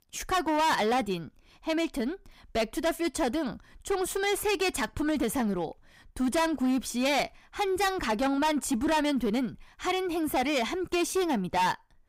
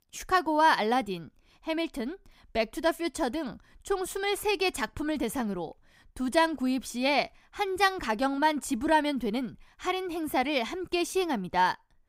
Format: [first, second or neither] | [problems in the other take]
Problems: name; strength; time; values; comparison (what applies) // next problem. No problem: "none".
second | distortion; heavy; 11% of the sound clipped